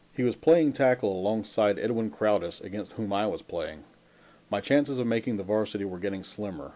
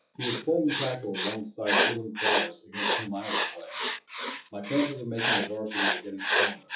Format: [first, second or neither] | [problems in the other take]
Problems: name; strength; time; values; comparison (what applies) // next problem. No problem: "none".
first | noise reduction (classical method WPE with log-MMSE)